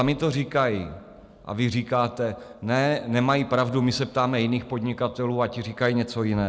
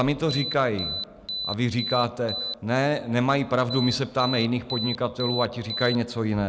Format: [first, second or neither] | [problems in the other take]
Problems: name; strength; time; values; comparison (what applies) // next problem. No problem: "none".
first | background sound (Alarm); 8 dB below the speech